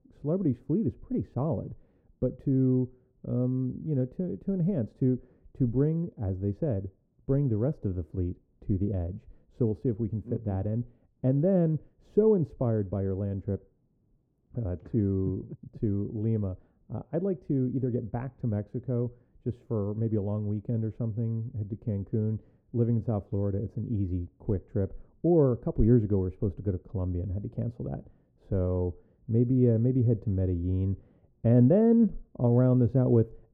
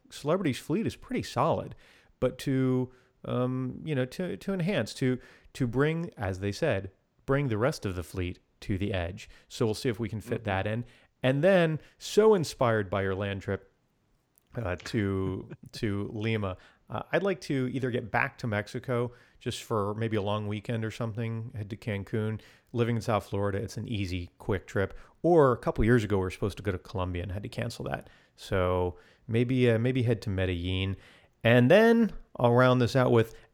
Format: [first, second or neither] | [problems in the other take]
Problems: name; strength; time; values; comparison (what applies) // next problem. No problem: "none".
second | muffled; very; fading above 1 kHz